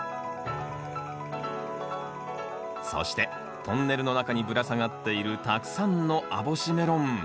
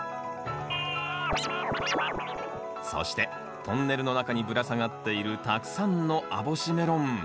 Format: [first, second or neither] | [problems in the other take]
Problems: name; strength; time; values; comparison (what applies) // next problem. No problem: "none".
first | background sound (Scratching (performance technique)); 2 dB below the speech